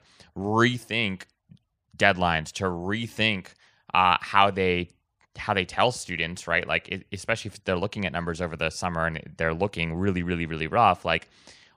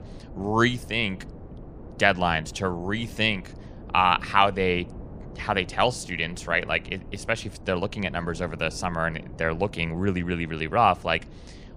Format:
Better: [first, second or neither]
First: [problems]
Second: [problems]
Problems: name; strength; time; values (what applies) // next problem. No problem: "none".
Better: first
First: none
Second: wind noise on the microphone; occasional gusts; 25 dB below the speech